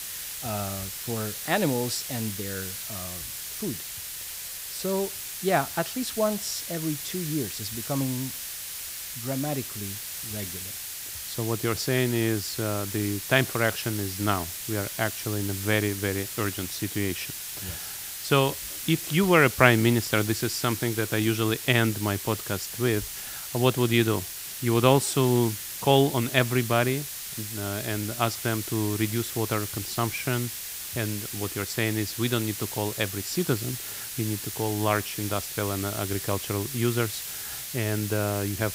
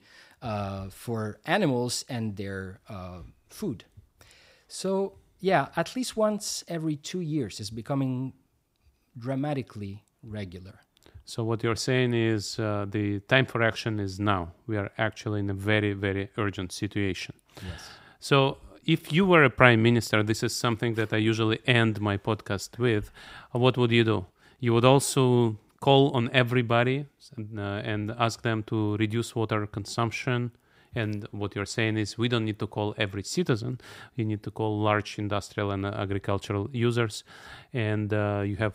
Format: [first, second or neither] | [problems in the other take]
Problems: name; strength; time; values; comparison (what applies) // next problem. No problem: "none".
second | hiss; loud; throughout; 6 dB below the speech